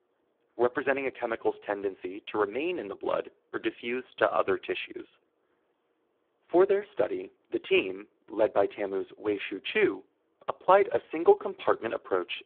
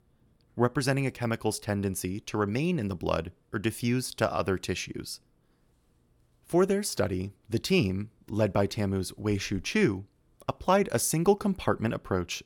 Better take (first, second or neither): second